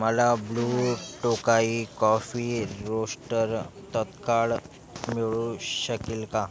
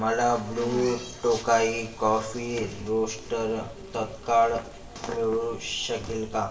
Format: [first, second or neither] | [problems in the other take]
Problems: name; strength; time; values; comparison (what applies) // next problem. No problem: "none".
first | background sound (Rain); 18 dB below the speech // room echo; dies away in 0.9 s